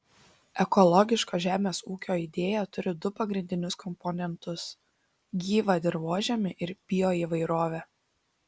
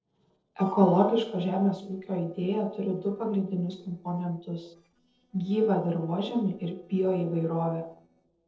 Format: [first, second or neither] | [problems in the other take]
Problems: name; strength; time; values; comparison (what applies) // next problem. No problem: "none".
first | noise reduction (neural separator model SepFormer DNS4)